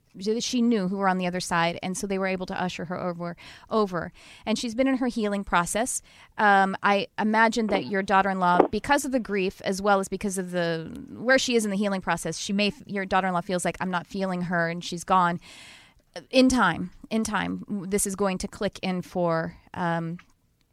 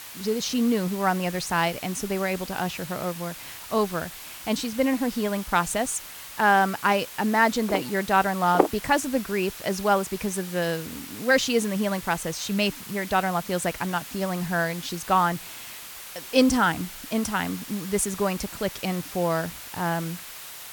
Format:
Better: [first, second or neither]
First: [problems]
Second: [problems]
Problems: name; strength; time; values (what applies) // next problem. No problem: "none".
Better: first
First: none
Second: hiss; noticeable; throughout; 10 dB below the speech